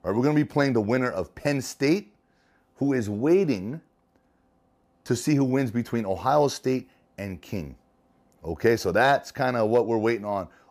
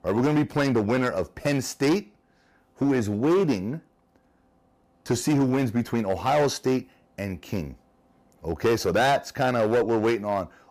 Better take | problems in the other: first | distortion; slight; 8% of the sound clipped

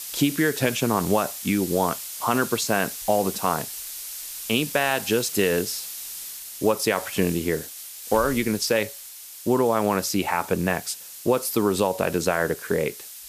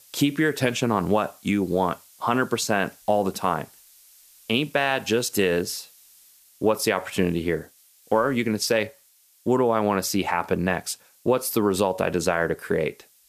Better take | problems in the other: second | hiss; loud; throughout; 10 dB below the speech; faint in the second

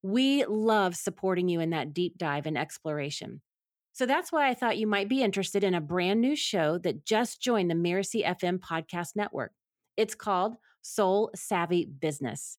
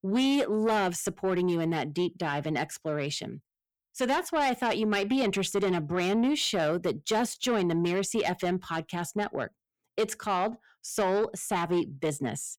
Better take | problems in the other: first | distortion; slight; 10 dB below the speech

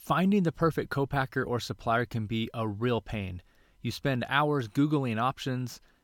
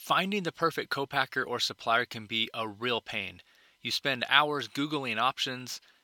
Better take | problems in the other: first | thin; somewhat; fading below 700 Hz

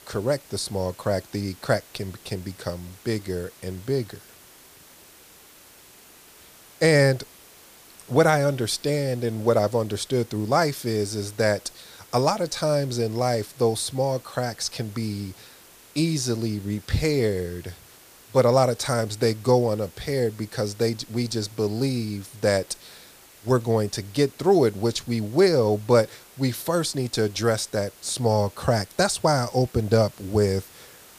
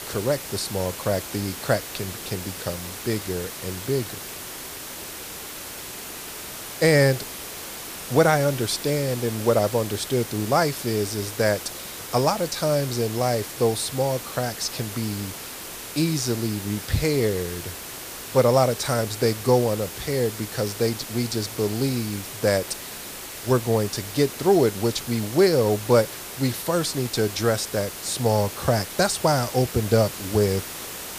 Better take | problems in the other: first | hiss; loud; throughout; 10 dB below the speech; faint in the first

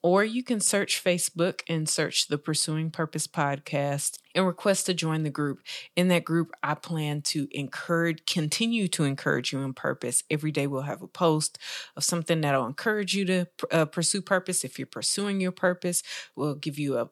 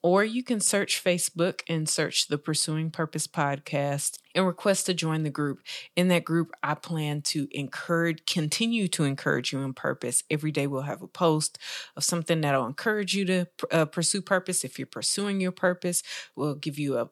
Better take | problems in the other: neither | none

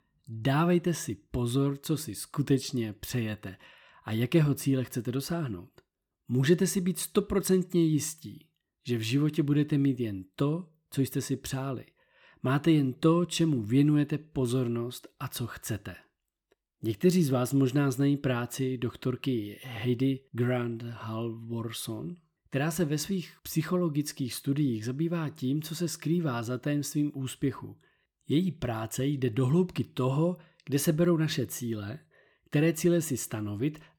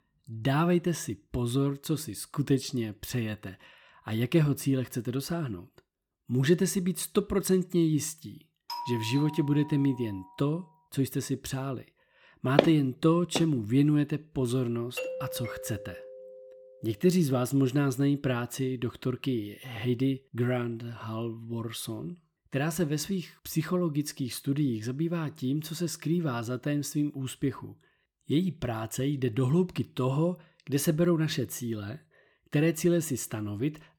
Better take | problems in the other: first | doorbell; noticeable; from 8.5 to 10 s and from 15 to 17 s; peak 6 dB below the speech // footsteps; loud; at 13 s; peak 3 dB above the speech

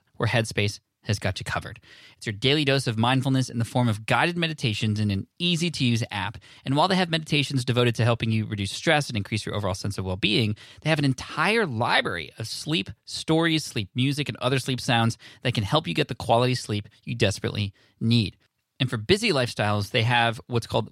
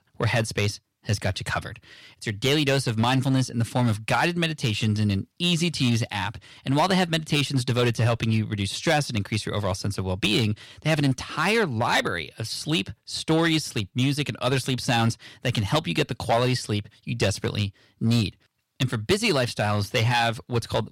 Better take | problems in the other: first | distortion; slight; 4% of the sound clipped

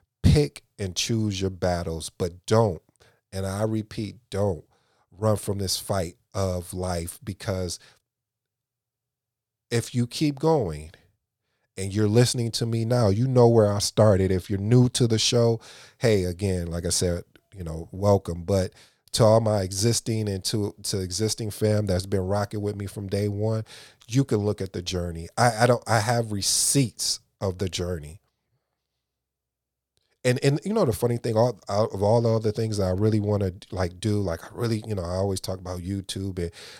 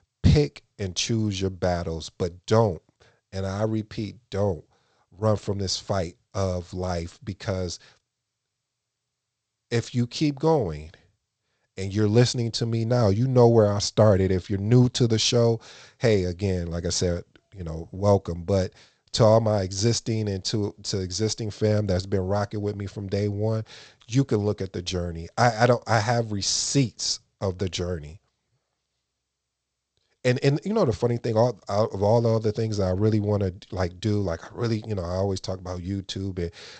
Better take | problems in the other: first | garbled, watery; slightly; nothing above 8 kHz

